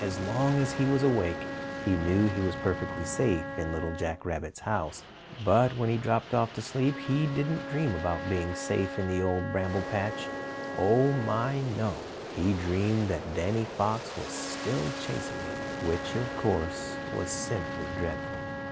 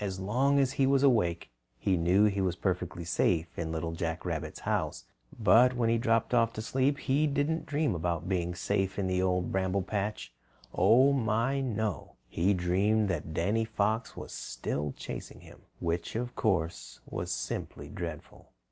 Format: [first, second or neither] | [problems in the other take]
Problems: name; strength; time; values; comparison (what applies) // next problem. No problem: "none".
second | background sound (Wind instrument, woodwind instrument + Aircraft); 7 dB below the speech